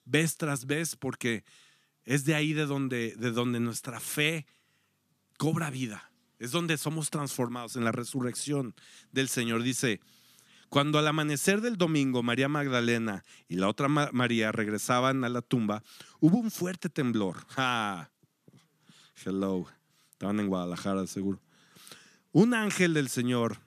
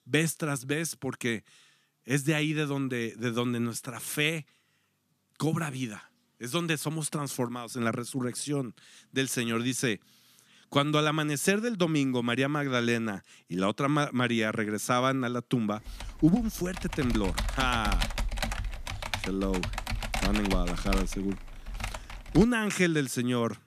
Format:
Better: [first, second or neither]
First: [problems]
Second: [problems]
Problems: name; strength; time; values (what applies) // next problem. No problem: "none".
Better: first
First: none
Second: keyboard typing; noticeable; from 16 to 22 s; peak 2 dB below the speech